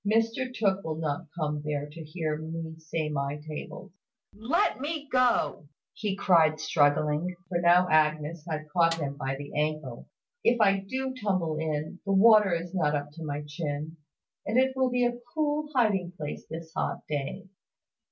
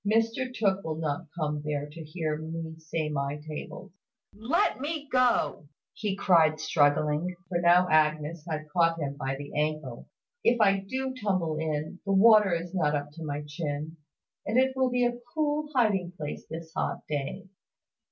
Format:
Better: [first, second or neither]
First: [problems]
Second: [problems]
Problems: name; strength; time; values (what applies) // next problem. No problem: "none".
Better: second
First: background sound (Snare drum); 15 dB below the speech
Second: none